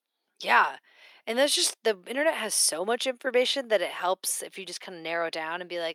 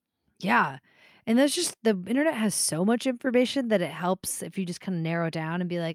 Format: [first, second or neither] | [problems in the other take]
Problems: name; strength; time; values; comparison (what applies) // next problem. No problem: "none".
second | thin; very; fading below 450 Hz